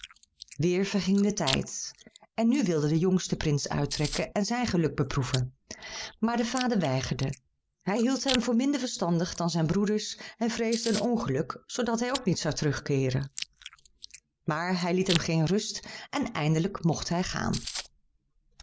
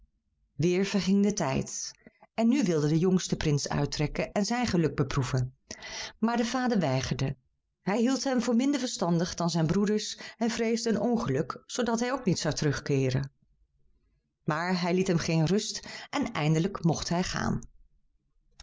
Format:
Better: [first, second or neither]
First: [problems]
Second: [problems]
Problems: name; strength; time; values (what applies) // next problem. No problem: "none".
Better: second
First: background sound (Chewing, mastication); 14 dB below the speech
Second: none